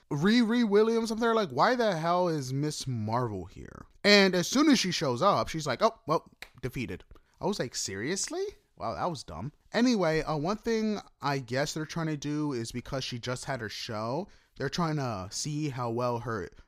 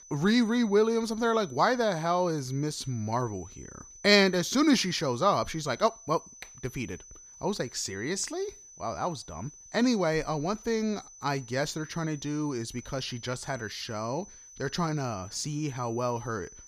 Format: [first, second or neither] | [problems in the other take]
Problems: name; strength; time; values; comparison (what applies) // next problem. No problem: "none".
first | high-pitched whine; noticeable; throughout; 6 kHz, 20 dB below the speech